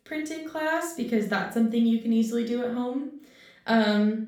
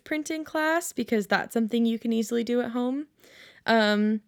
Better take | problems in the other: second | room echo; slight; dies away in 0.4 s // off-mic speech; far

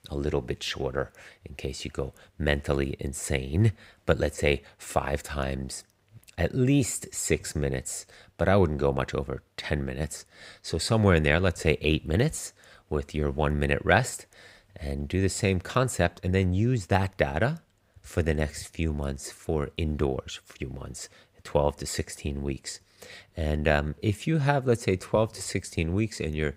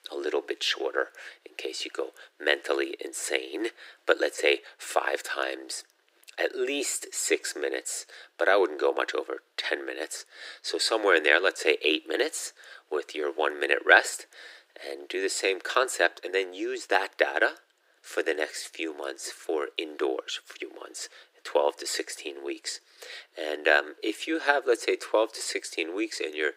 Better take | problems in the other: first | thin; very; fading below 300 Hz

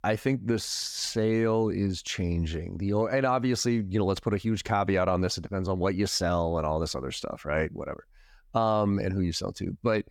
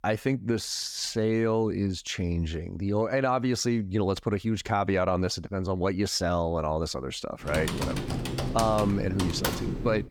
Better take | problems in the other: first | keyboard typing; noticeable; from 7.5 s on; peak 2 dB below the speech

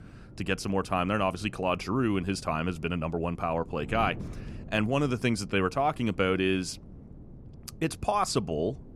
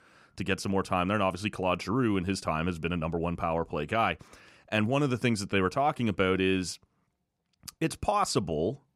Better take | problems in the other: second | wind noise on the microphone; occasional gusts; 25 dB below the speech

